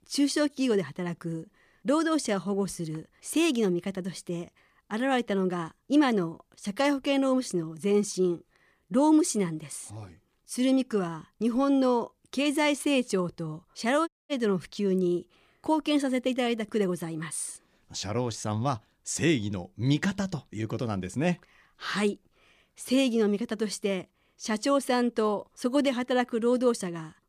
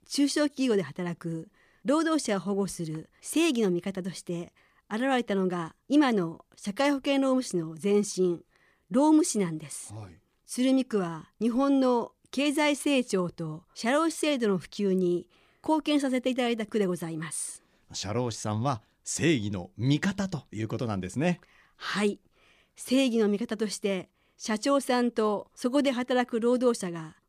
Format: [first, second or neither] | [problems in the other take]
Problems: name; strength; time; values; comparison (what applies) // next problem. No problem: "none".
second | audio cutting out; at 14 s